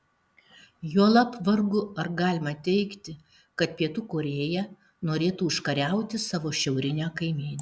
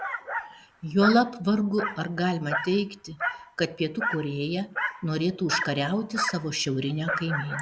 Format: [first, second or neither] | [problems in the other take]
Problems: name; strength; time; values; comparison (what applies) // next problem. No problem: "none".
first | background sound (Dog); 6 dB below the speech